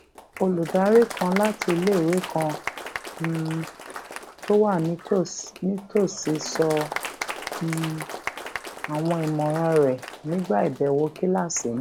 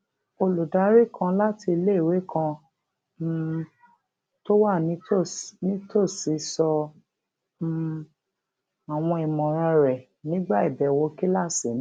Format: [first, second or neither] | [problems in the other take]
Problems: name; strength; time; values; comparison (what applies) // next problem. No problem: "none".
second | background sound (Applause); 11 dB below the speech